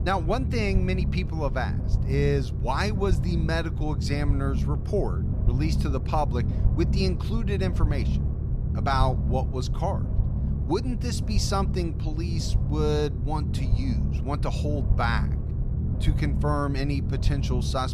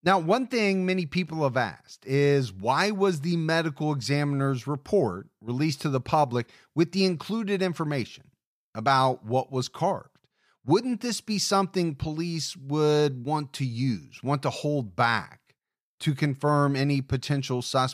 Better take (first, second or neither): second